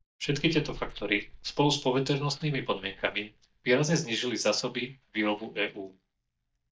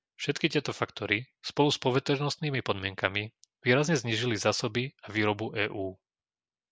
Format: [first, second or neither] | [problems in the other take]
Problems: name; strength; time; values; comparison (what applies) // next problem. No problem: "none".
second | noise reduction (neural mask model DeepFilterNet 3)